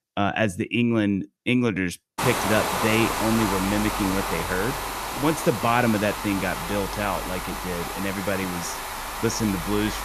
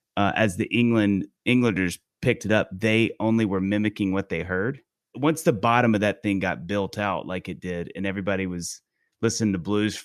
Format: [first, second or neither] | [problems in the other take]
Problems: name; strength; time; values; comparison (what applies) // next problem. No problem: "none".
second | hiss; loud; from 2 s on; 3 dB below the speech